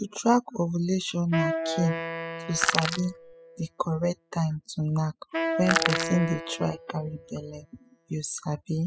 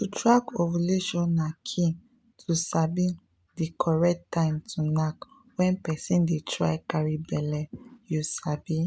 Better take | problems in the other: second | noise reduction (classical method spectral subtraction)

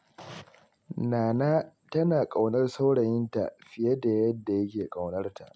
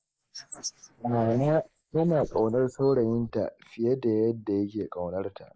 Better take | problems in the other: first | noise reduction (neural mask model Resemble Enhance denoiser)

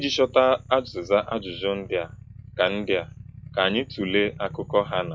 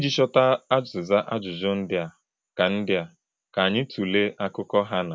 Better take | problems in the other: second | noise reduction (classical method log-MMSE)

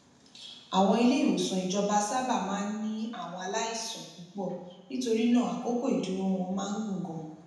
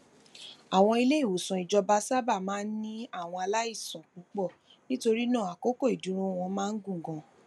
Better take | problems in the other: second | room echo; dies away in 1 s

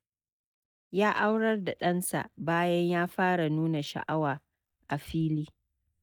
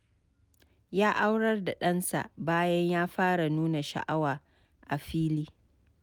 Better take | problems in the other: second | noise reduction (neural mask model DeepFilterNet 3)

